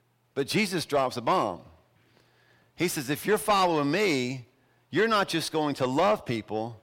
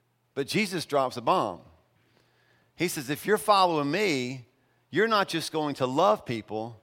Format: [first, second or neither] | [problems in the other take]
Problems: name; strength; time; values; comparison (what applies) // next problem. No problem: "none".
second | distortion; slight; 10 dB below the speech